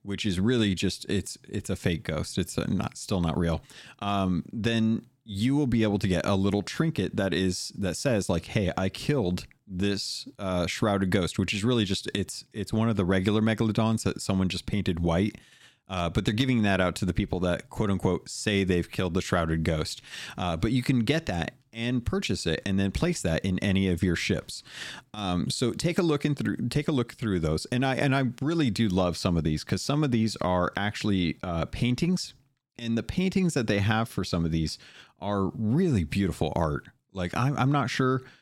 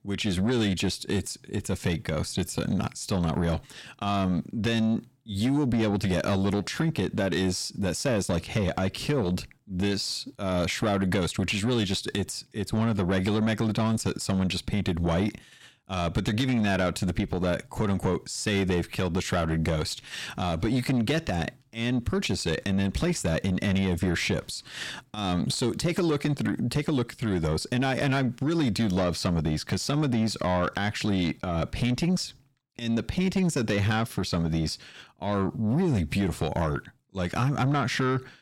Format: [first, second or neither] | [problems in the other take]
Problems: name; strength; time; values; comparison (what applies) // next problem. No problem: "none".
first | distortion; slight; 10 dB below the speech